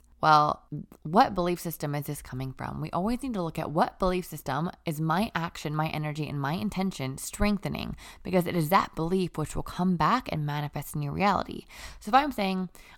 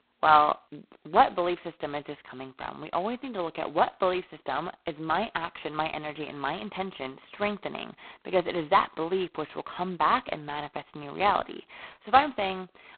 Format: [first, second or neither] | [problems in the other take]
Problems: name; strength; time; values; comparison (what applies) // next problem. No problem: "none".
first | phone-call audio; poor line; nothing above 4 kHz